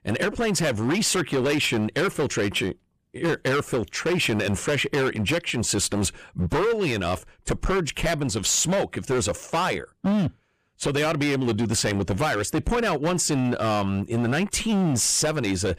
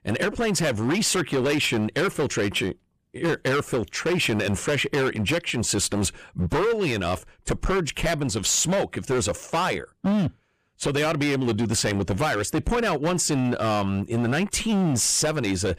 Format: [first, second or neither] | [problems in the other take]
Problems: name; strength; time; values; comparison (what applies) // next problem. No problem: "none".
neither | distortion; heavy; 20% of the sound clipped; the same in both